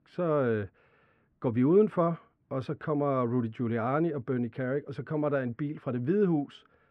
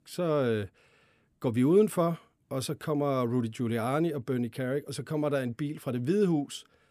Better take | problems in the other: second | muffled; very; fading above 2 kHz

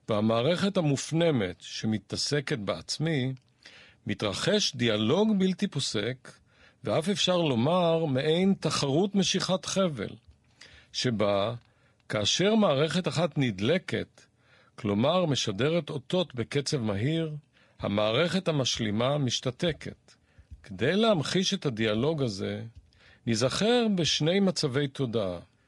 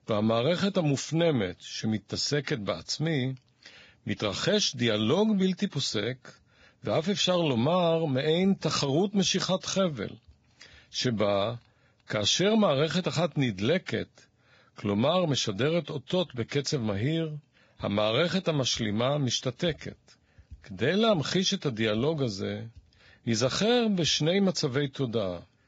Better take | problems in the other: first | garbled, watery; badly; slightly in the first

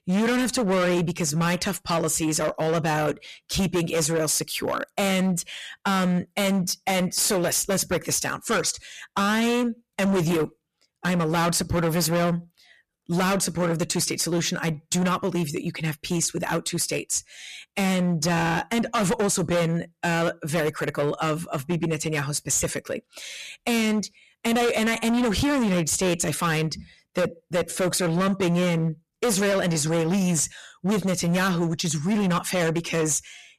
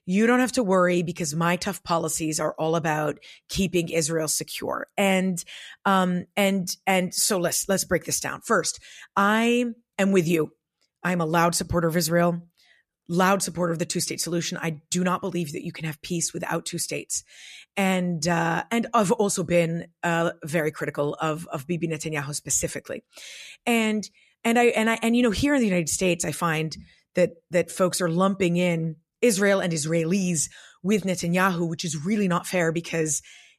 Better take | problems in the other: second | distortion; heavy; 19% of the sound clipped

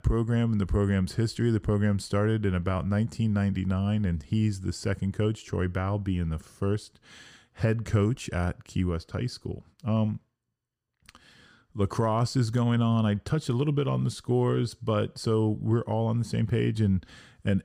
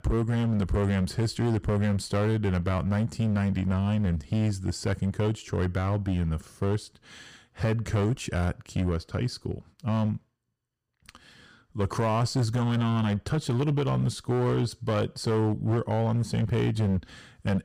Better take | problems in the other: first | distortion; slight; 14% of the sound clipped

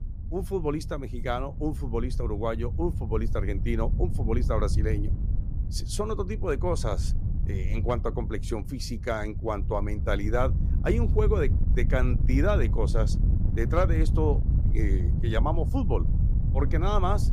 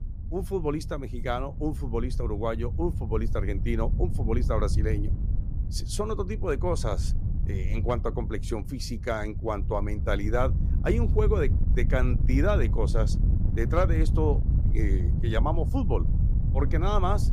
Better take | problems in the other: neither | wind noise on the microphone; occasional gusts; 10 dB below the speech; the same in both

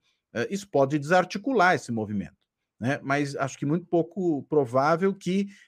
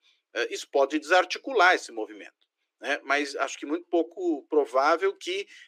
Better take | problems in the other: first | thin; somewhat; fading below 300 Hz

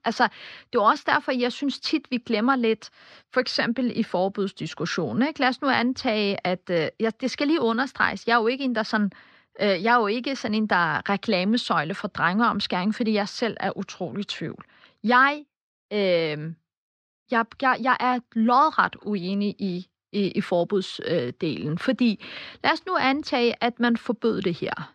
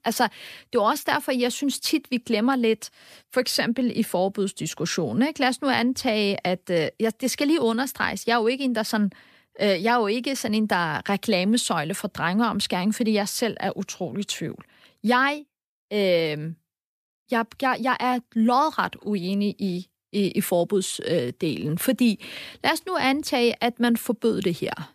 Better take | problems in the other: second | muffled; very slightly; fading above 5 kHz

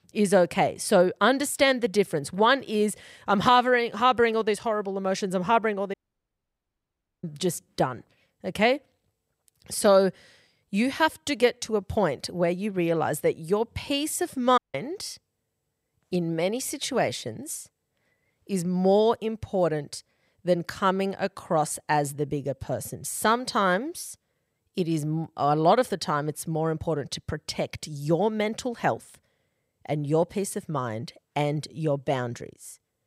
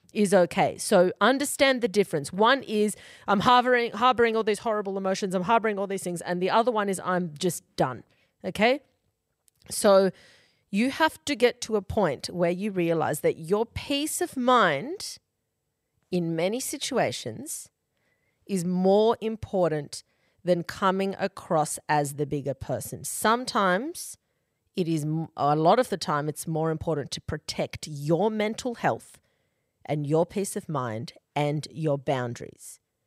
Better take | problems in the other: second | audio cutting out; at 6 s for 1.5 s and at 15 s

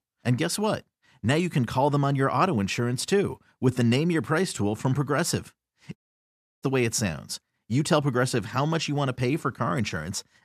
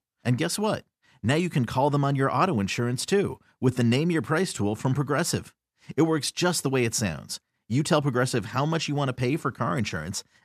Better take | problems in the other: second | audio cutting out; at 6 s for 0.5 s

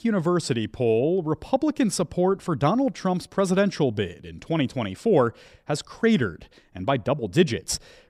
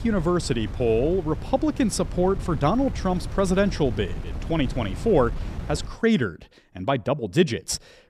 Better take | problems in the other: first | wind noise on the microphone; occasional gusts; until 6 s; 15 dB below the speech

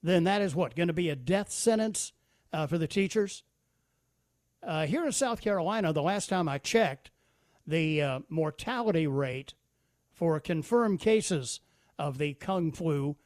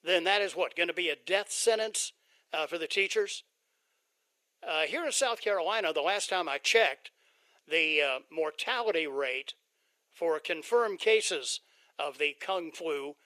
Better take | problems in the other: first | thin; very; fading below 400 Hz

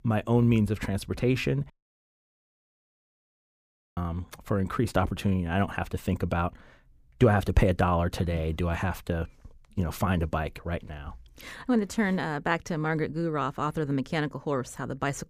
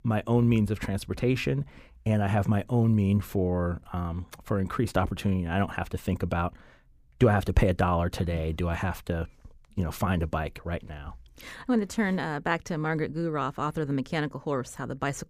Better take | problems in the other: second | audio cutting out; at 1.5 s for 2.5 s

